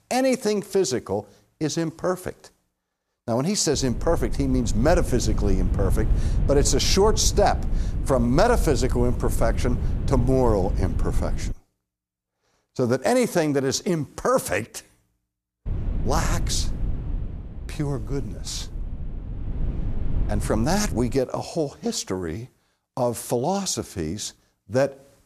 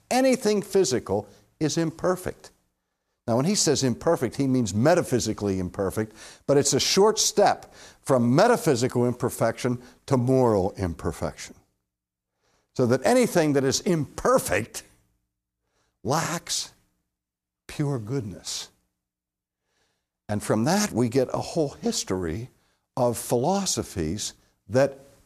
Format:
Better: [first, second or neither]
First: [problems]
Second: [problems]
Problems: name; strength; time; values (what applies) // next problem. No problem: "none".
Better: second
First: wind noise on the microphone; occasional gusts; from 3.5 to 12 s and from 16 to 21 s; 15 dB below the speech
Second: none